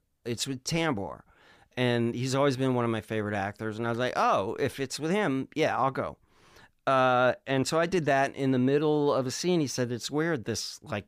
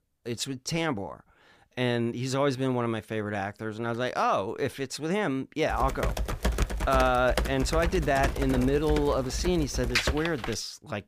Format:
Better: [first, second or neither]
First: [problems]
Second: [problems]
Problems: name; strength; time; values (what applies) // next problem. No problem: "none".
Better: first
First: none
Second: keyboard typing; loud; from 5.5 to 11 s; peak 1 dB above the speech